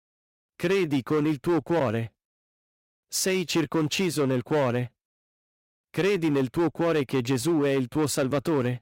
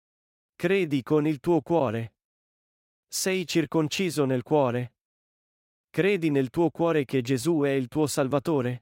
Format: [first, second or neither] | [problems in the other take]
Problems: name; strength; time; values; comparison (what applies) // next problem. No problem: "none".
second | distortion; slight; 10% of the sound clipped